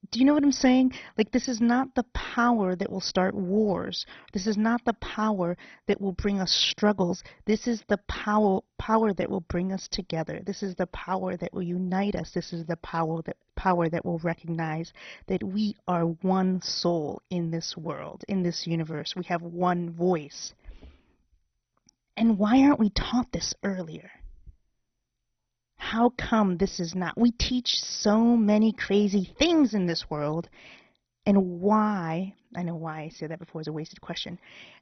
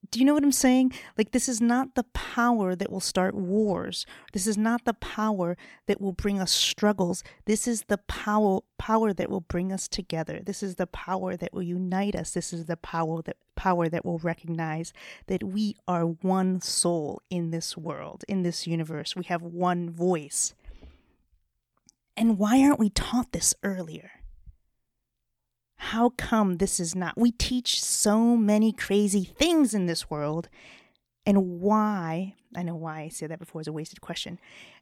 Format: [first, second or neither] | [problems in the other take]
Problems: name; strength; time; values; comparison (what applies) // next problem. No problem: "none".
second | garbled, watery; badly; nothing above 6 kHz